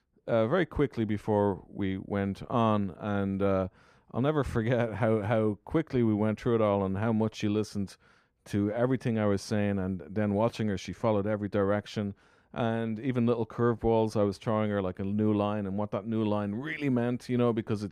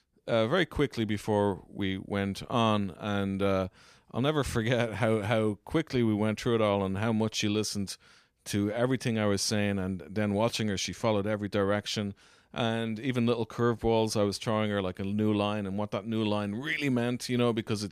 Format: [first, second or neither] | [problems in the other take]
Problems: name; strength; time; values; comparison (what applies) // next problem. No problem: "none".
second | muffled; slightly; fading above 2 kHz